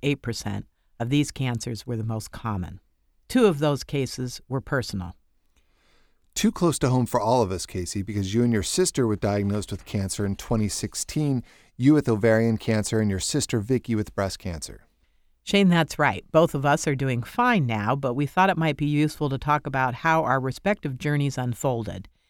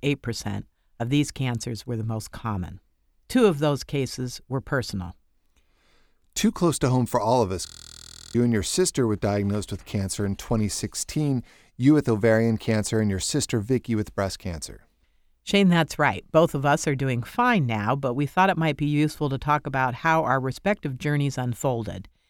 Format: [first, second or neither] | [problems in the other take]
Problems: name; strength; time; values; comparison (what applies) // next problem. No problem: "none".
first | audio freezing; at 7.5 s for 0.5 s